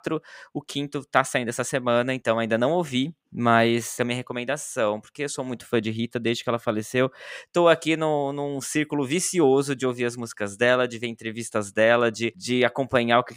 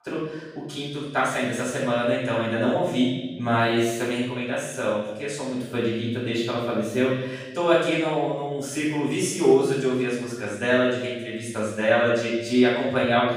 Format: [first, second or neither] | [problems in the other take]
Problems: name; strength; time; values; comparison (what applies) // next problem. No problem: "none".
first | room echo; strong; dies away in 1 s // off-mic speech; far